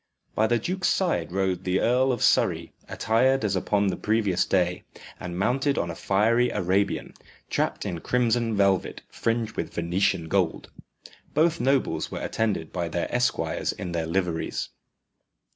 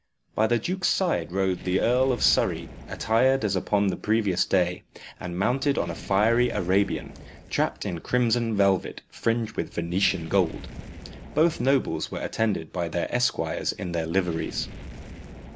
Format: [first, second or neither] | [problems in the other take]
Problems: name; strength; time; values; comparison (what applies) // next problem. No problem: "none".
first | background sound (Fire); 17 dB below the speech